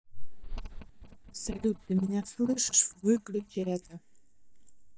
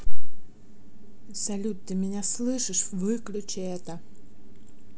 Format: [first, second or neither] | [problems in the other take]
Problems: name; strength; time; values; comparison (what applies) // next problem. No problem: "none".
second | noise reduction (neural mask model DeepFilterNet 3)